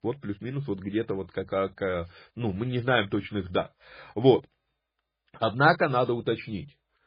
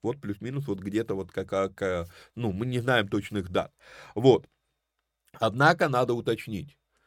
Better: second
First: garbled, watery; badly; nothing above 5 kHz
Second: none

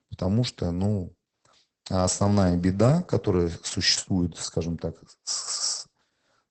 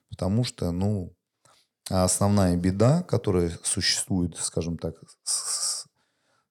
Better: second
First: garbled, watery; badly; nothing above 8 kHz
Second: none

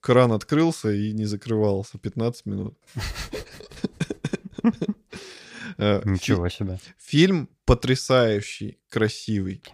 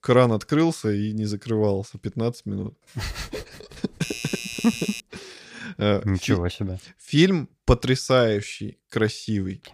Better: first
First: none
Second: doorbell; noticeable; from 4 to 5 s; peak 7 dB below the speech

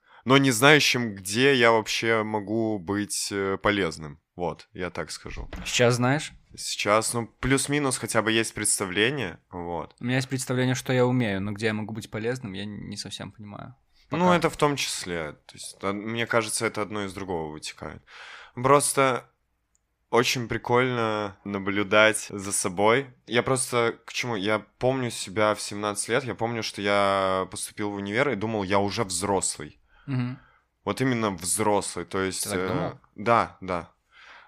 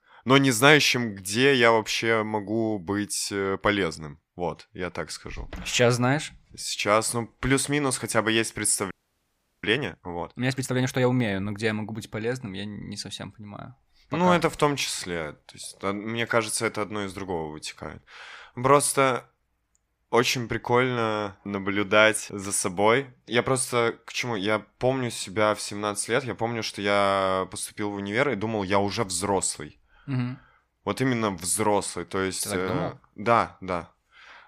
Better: first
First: none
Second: audio freezing; at 9 s for 0.5 s

